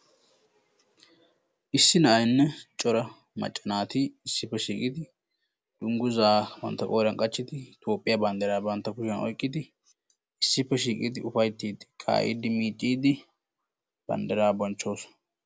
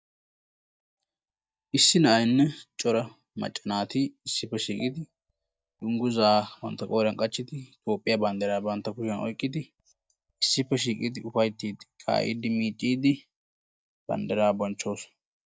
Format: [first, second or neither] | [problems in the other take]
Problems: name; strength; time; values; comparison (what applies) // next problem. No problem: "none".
first | noise reduction (neural mask model DeepFilterNet 3)